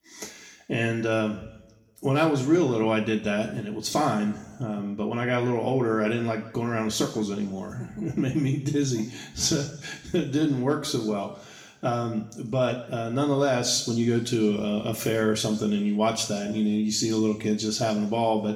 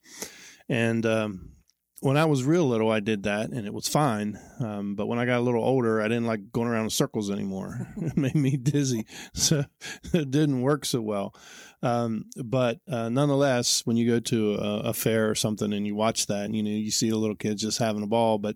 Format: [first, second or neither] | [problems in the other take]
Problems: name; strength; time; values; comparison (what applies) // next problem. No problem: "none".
second | room echo; slight; dies away in 0.7 s // off-mic speech; somewhat distant